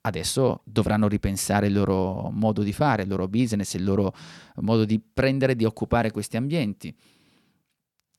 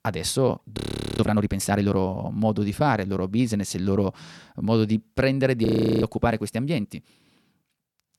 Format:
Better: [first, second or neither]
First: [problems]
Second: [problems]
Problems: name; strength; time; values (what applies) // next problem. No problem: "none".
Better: first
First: none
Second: audio freezing; at 1 s and at 5.5 s